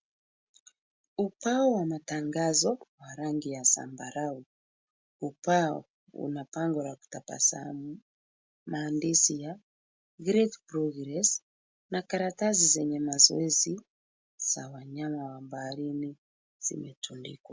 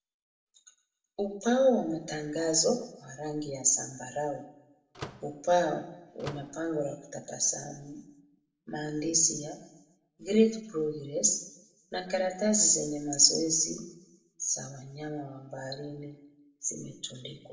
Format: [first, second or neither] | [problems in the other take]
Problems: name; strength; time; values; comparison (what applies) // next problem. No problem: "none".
first | background sound (Slam / Microwave oven); 16 dB below the speech // room echo; dies away in 0.6 s